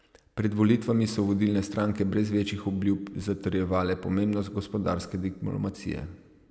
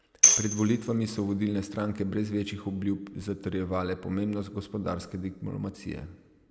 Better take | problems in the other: first | background sound (Tambourine); 5 dB above the speech

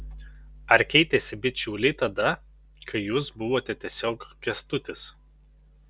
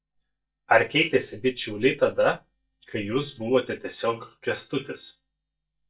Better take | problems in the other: first | noise reduction (neural mask model DeepFilterNet 3)

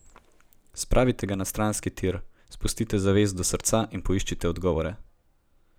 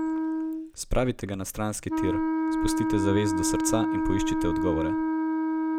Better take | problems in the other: first | background sound (Wind instrument, woodwind instrument); 3 dB above the speech

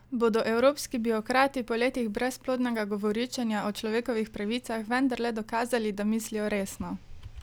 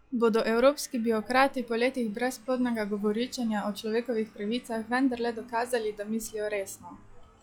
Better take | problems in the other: first | noise reduction (classical method log-MMSE)

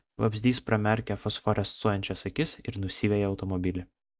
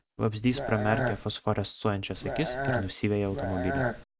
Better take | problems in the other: first | background sound (Burping, eructation); 2 dB below the speech

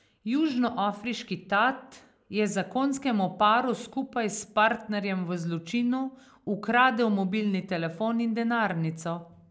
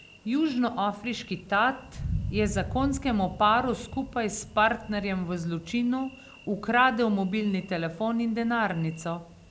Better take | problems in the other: first | background sound (Thunder); 13 dB below the speech

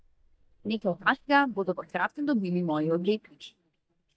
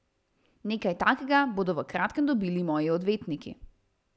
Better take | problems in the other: second | noise reduction (neural mask model DeepFilterNet 3)

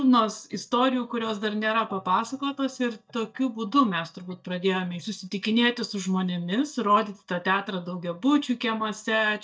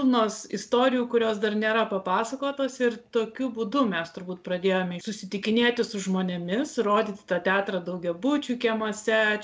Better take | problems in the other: second | noise reduction (neural mask model DeepFilterNet 3)

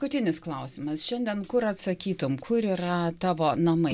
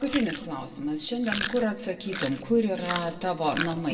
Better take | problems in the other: first | background sound (Chewing, mastication); 10 dB below the speech // room echo; dies away in 1.3 s

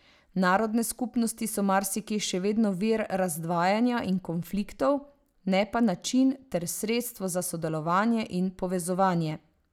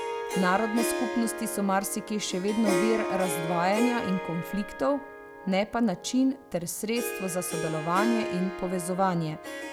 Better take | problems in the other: first | background sound (Harp); 5 dB below the speech

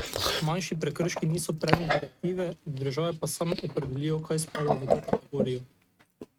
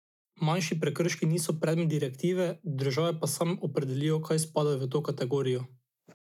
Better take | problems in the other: second | noise reduction (neural mask model RNNoise)

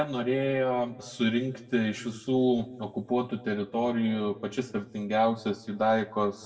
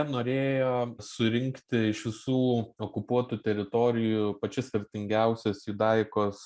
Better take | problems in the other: second | room echo; dies away in 1.4 s

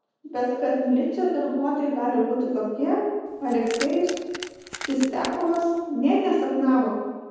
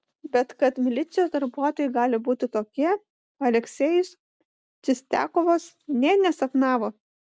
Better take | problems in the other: second | background sound (Keys jangling); 14 dB below the speech // room echo; dies away in 1.2 s

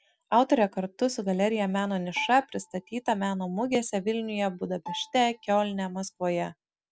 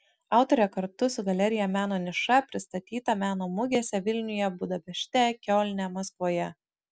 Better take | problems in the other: second | background sound (Bowed string instrument); 18 dB below the speech

